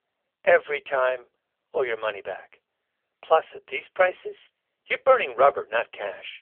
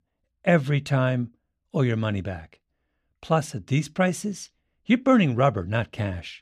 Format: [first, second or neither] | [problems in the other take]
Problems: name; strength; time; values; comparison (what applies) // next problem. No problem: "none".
second | phone-call audio; poor line; nothing above 3 kHz